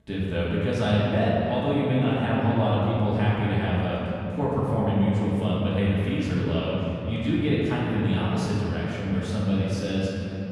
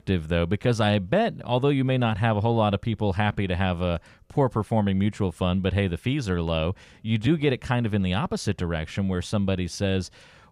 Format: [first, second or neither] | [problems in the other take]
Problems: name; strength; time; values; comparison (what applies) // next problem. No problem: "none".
second | off-mic speech; far // room echo; strong; dies away in 3 s